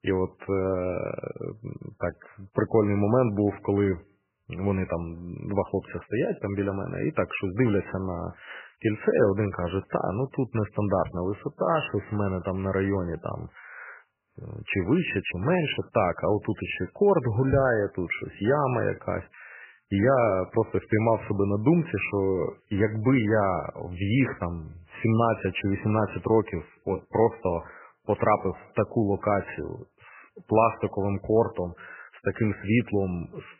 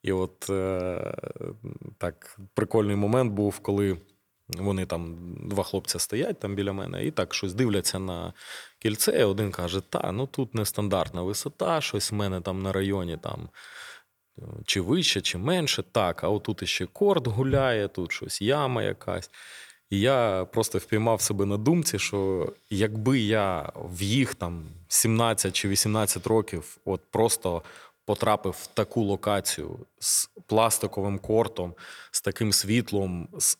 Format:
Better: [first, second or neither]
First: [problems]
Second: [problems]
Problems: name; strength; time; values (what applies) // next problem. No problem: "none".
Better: second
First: garbled, watery; badly; nothing above 3 kHz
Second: none